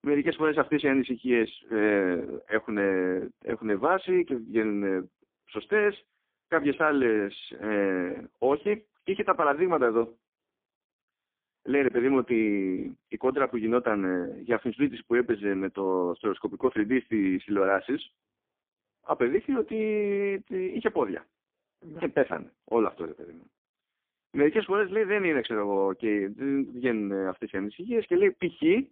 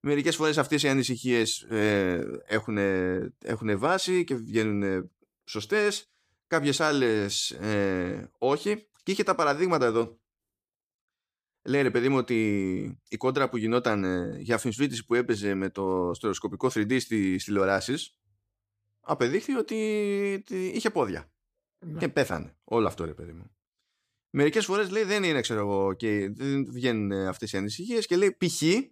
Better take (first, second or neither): second